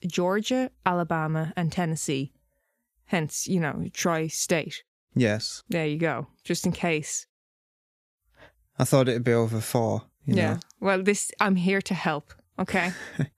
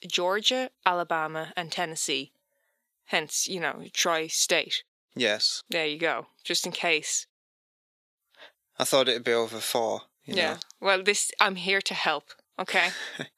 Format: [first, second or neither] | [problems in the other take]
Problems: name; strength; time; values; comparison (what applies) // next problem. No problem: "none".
first | thin; somewhat; fading below 450 Hz